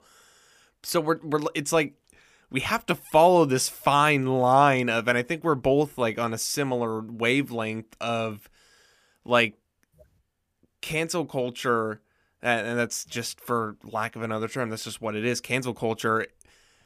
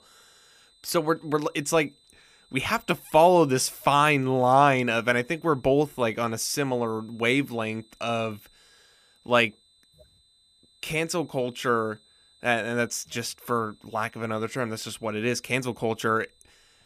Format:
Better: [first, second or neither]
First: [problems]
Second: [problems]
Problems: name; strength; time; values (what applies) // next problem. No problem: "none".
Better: first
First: none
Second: high-pitched whine; faint; throughout; 4 kHz, 35 dB below the speech